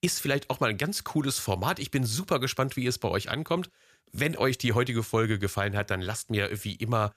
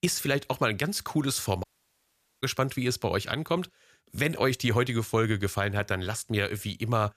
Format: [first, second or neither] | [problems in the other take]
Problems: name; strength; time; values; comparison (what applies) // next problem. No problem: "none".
first | audio cutting out; at 1.5 s for 1 s